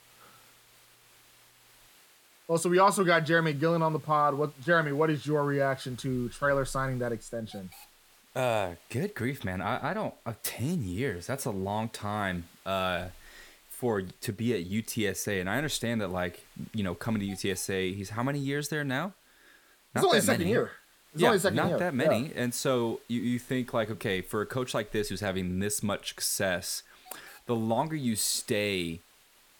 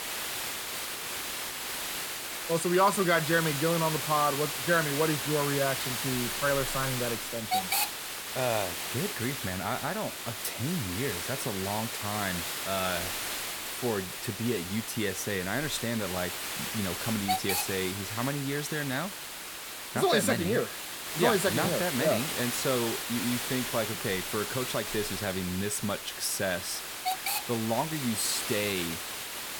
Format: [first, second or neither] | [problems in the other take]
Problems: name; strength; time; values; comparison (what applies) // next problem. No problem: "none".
first | hiss; loud; throughout; 2 dB below the speech; faint in the first